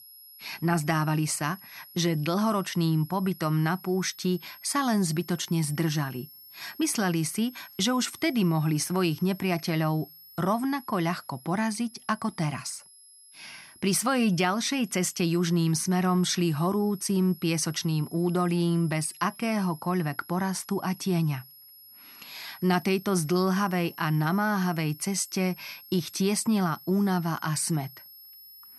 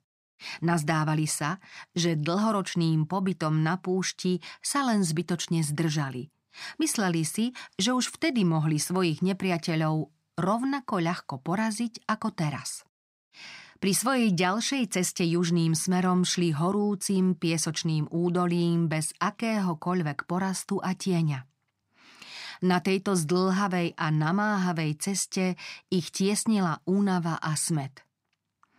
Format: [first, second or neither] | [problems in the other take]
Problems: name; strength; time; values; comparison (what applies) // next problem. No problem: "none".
second | high-pitched whine; noticeable; throughout; 11.5 kHz, 20 dB below the speech